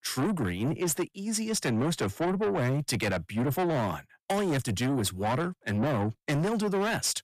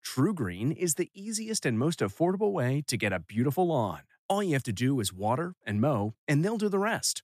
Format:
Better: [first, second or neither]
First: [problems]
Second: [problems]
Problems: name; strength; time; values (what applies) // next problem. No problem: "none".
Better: second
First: distortion; heavy; 8 dB below the speech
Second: none